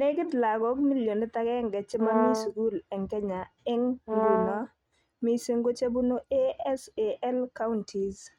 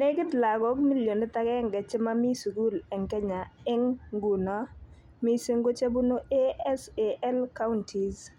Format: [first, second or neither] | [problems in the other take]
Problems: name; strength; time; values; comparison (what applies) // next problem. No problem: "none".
second | noise reduction (neural mask model RNNoise)